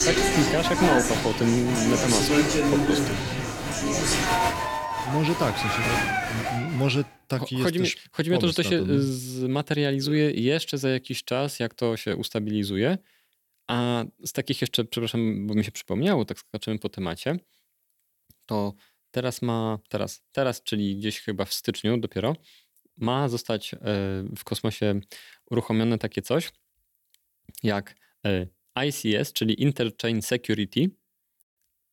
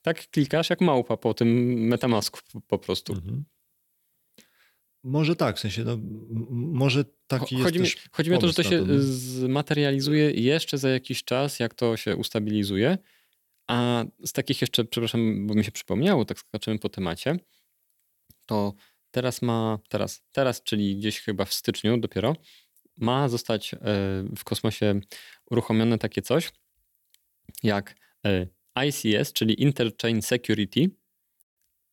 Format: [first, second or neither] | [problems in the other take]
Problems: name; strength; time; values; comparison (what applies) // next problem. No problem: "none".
second | crowd noise; very loud; until 6.5 s; 2 dB above the speech